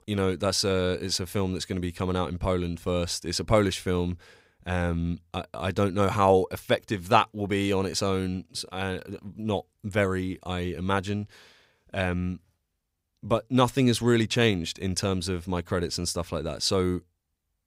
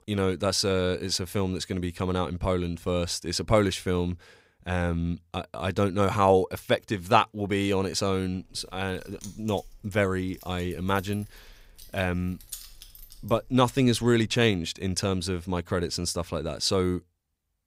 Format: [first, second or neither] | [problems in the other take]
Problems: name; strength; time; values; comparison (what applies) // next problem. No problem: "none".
first | jangling keys; faint; from 8.5 to 14 s; peak 15 dB below the speech